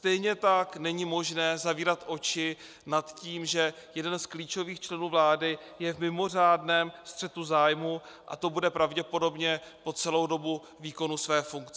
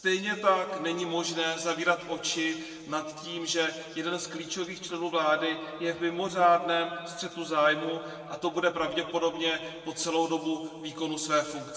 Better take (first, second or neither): first